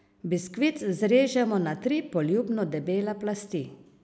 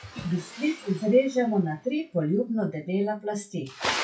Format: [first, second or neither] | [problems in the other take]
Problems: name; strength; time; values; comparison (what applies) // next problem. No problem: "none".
first | noise reduction (classical method WPE with log-MMSE)